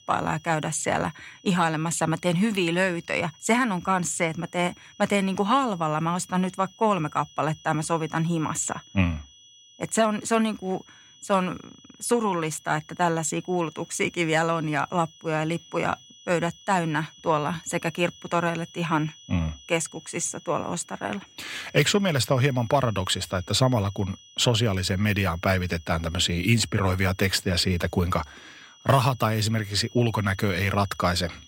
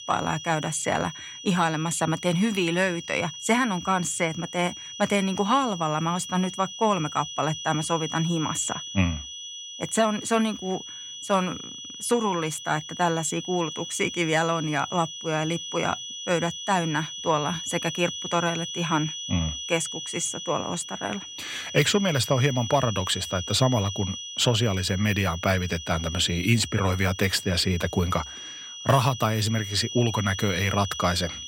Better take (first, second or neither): first